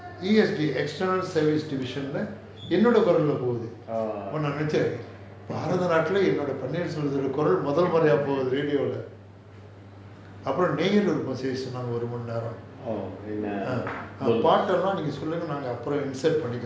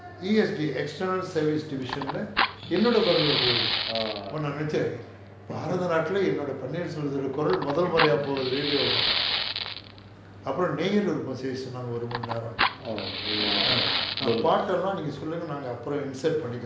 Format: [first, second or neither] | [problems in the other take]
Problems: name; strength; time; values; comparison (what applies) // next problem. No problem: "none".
first | background sound (Fire); 3 dB below the speech